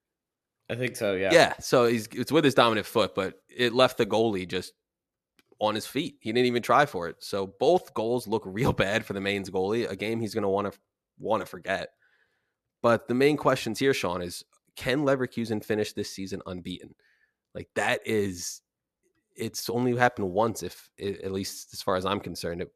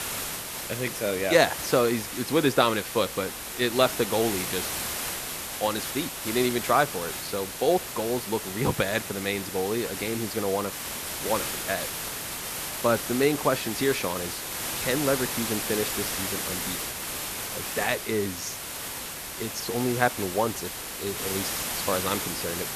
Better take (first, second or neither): first